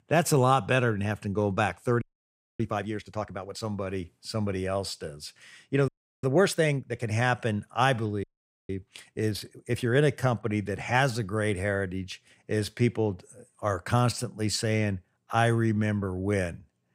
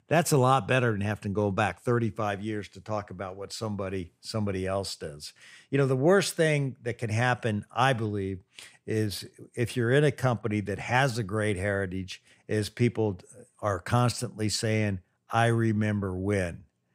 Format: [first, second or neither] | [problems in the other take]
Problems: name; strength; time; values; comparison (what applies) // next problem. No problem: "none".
second | audio freezing; at 2 s for 0.5 s, at 6 s and at 8 s